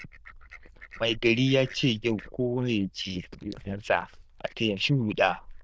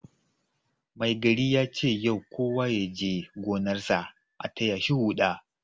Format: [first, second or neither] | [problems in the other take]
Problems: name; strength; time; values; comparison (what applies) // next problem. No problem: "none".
second | noise reduction (neural diffusion model UNIVERSE++)